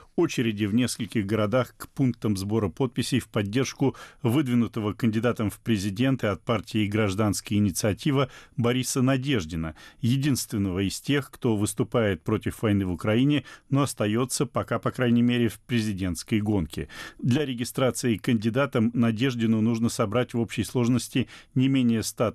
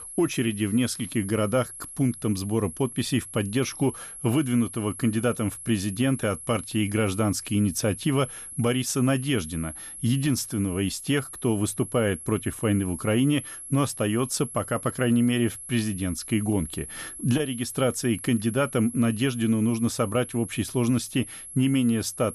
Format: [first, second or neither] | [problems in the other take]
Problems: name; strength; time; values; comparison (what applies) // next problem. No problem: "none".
first | high-pitched whine; noticeable; throughout; 11 kHz, 10 dB below the speech